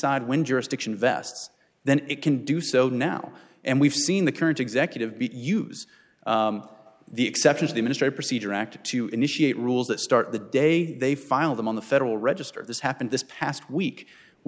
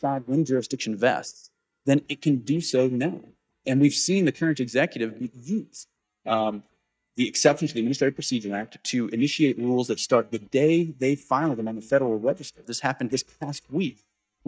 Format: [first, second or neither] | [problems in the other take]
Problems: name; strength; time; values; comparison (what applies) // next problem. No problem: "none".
first | noise reduction (neural mask model DeepFilterNet 3)